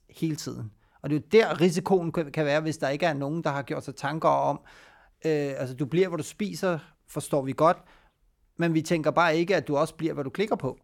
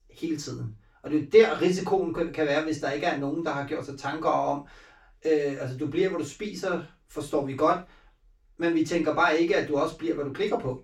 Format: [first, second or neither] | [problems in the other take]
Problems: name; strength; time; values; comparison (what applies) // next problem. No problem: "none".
first | room echo; slight; dies away in 0.2 s // off-mic speech; far